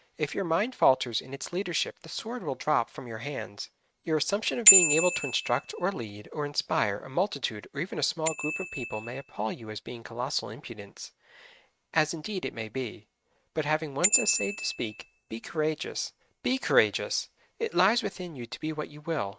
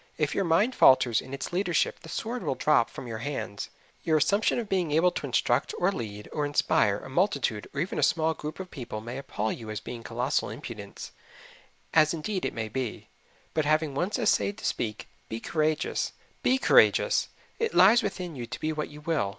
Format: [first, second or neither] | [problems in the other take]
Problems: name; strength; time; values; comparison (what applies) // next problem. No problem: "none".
second | noise reduction (neural mask model RNNoise)